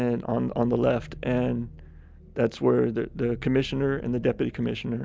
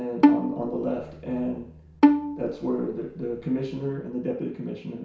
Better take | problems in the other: first | background sound (Bowed string instrument); 5 dB above the speech // room echo; dies away in 0.6 s

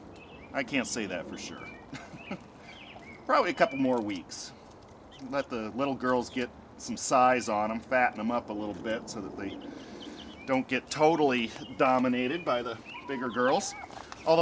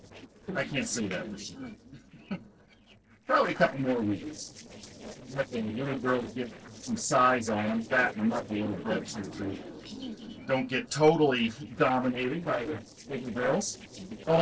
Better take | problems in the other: first | noise reduction (neural separator model SepFormer DNS4)

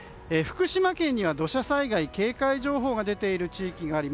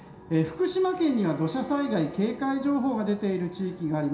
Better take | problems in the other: first | background sound (Bowed string instrument); 20 dB below the speech // room echo; dies away in 0.7 s

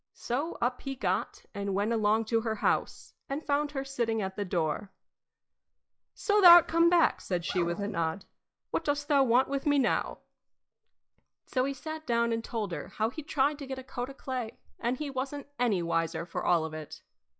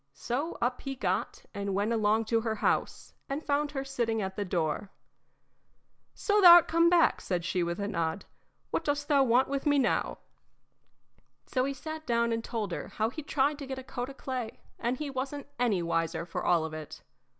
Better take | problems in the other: second | noise reduction (classical method log-MMSE)

